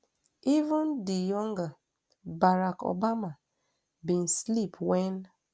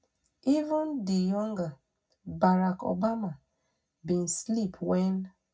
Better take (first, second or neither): first